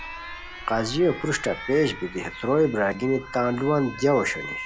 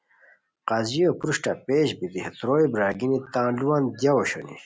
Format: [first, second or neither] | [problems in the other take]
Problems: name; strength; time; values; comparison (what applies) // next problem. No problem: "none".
second | background sound (Alarm); 13 dB below the speech